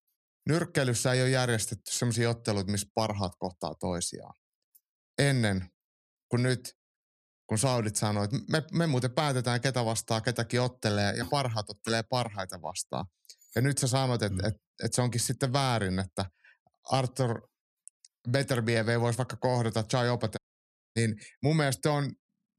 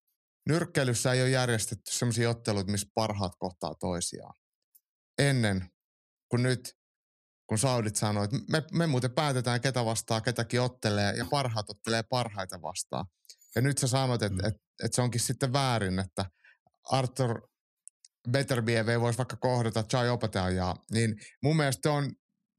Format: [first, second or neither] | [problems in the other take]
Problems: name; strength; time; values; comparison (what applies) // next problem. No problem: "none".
second | audio cutting out; at 20 s for 0.5 s